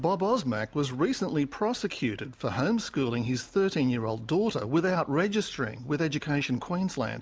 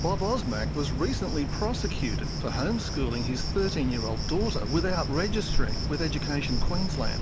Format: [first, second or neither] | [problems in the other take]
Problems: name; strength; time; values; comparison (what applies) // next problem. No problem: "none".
first | background sound (Cricket); 2 dB above the speech